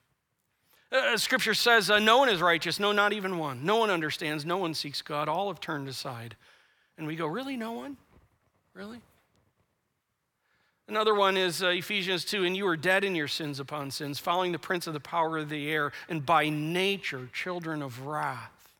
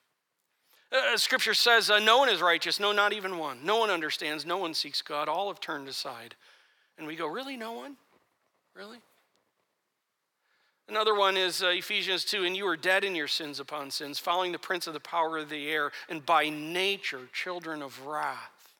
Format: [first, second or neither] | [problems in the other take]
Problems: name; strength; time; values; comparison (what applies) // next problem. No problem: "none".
first | thin; somewhat; fading below 350 Hz